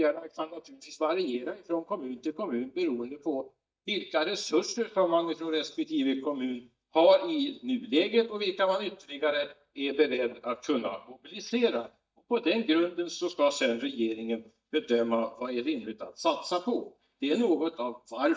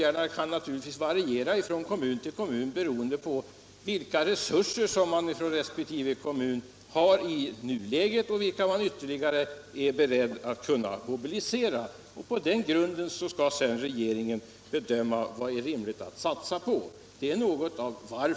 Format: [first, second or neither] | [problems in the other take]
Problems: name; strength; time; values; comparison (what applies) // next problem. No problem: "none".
second | noise reduction (neural mask model DeepFilterNet 3)